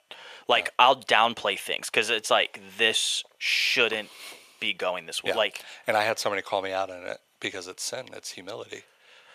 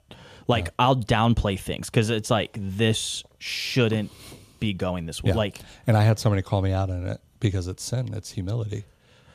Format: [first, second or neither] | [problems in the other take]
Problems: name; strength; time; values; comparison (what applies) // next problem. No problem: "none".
second | thin; very; fading below 650 Hz